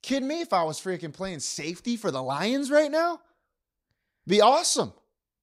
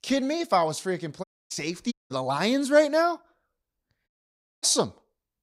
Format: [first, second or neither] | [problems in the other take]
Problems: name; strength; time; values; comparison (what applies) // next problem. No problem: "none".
first | audio cutting out; at 1 s, at 2 s and at 4 s for 0.5 s